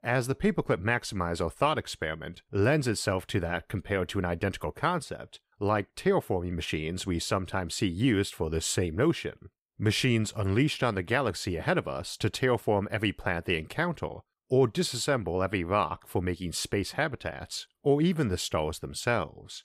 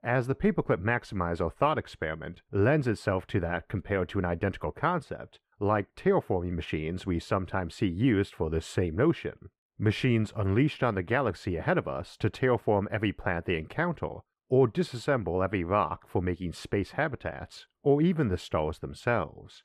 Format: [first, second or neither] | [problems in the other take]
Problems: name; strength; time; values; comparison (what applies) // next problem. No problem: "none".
first | muffled; slightly; fading above 3.5 kHz